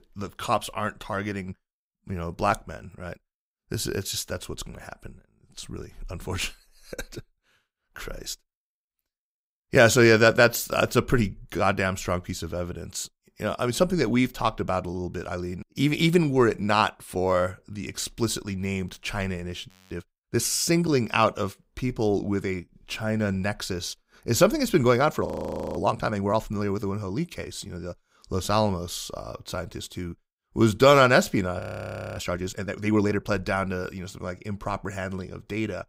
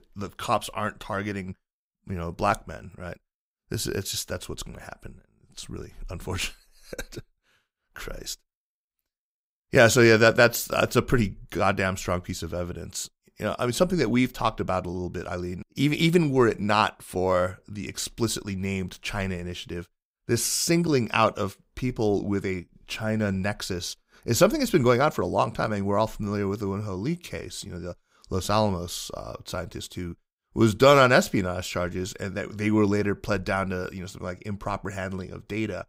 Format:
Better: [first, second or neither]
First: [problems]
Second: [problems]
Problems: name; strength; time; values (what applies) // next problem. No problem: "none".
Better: second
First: audio freezing; at 20 s, at 25 s for 0.5 s and at 32 s for 0.5 s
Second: none